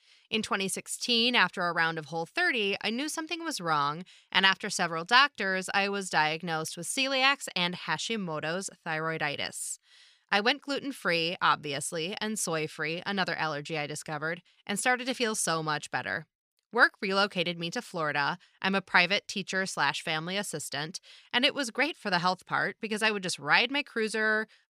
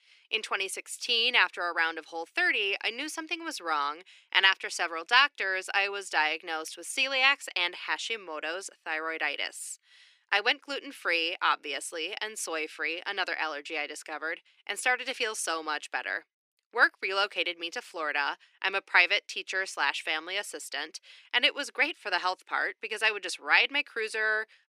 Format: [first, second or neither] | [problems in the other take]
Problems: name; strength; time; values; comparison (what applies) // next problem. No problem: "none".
first | thin; very; fading below 300 Hz